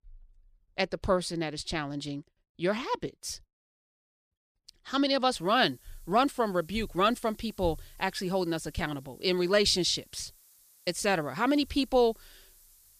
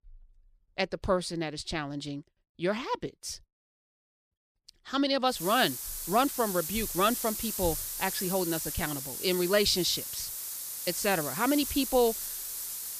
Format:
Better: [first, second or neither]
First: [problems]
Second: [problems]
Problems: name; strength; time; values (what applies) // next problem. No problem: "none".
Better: first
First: hiss; faint; from 5.5 s on; 25 dB below the speech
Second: hiss; loud; from 5.5 s on; 4 dB below the speech